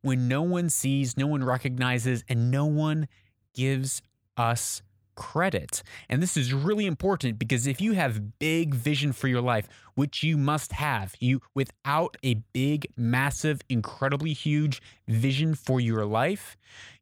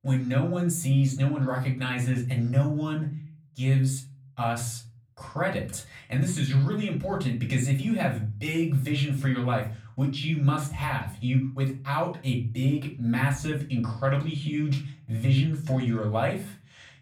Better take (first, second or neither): first